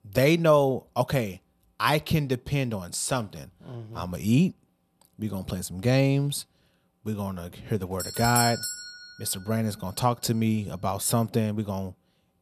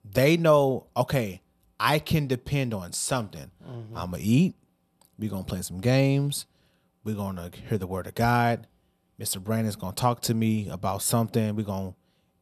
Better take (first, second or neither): second